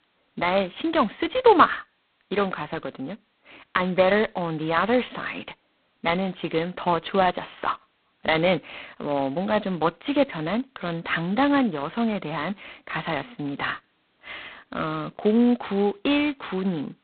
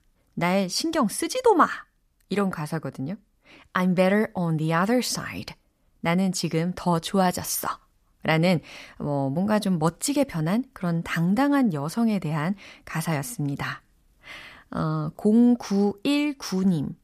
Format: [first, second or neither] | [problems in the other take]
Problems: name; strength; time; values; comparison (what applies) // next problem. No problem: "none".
second | phone-call audio; poor line; nothing above 4 kHz